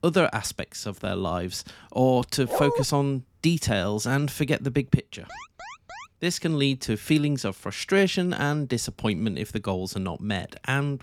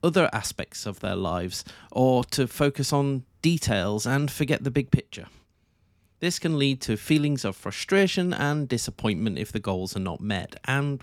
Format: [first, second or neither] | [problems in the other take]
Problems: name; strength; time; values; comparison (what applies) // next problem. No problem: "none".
second | dog barking; noticeable; at 2.5 s; peak 1 dB below the speech // alarm; faint; at 5.5 s; peak 15 dB below the speech